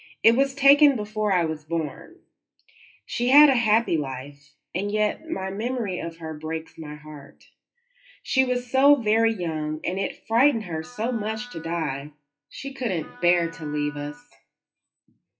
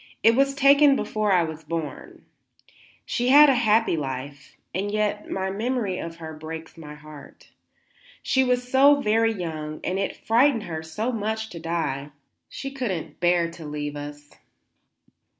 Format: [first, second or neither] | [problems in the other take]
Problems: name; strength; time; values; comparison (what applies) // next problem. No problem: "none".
second | noise reduction (classical method WPE with log-MMSE)